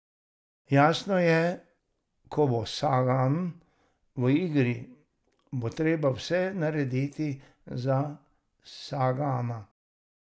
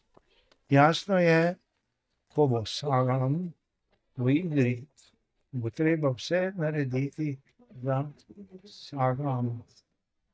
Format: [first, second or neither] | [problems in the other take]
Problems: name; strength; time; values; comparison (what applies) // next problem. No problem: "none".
first | noise reduction (neural mask model DeepFilterNet 3)